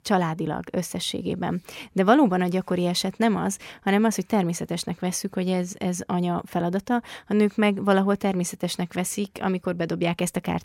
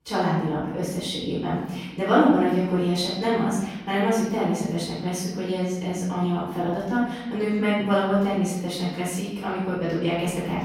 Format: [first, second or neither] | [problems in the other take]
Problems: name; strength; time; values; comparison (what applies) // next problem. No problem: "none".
first | off-mic speech; far // room echo; noticeable; dies away in 0.9 s